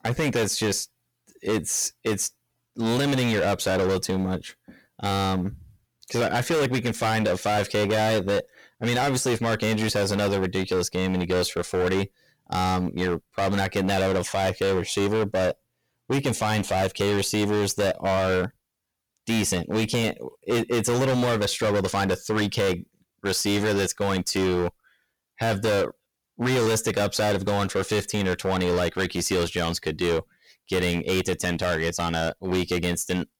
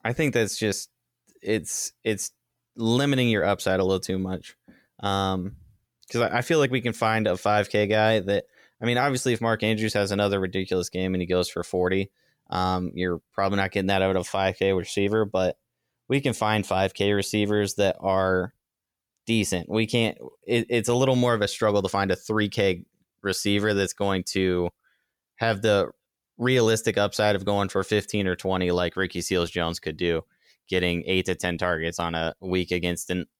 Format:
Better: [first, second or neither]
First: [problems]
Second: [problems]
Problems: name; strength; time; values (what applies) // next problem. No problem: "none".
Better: second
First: distortion; heavy; 19% of the sound clipped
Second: none